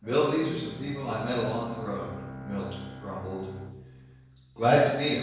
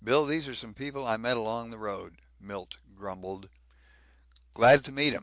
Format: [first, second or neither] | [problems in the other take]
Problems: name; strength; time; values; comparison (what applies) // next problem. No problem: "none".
second | background sound (Bowed string instrument); 14 dB below the speech // room echo; dies away in 1 s